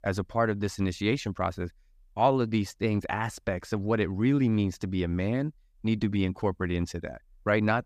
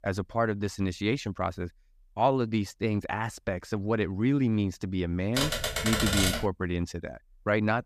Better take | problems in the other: first | keyboard typing; loud; from 5.5 to 6.5 s; peak 4 dB above the speech

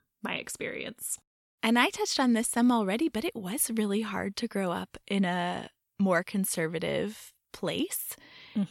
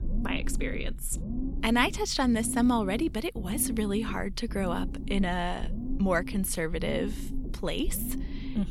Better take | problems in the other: first | low rumble; noticeable; throughout; 15 dB below the speech

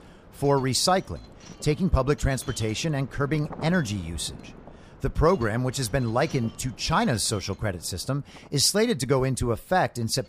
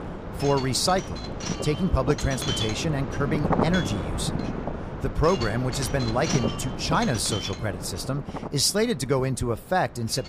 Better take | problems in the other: first | wind noise on the microphone; heavy; 5 dB below the speech; occasional gusts in the first

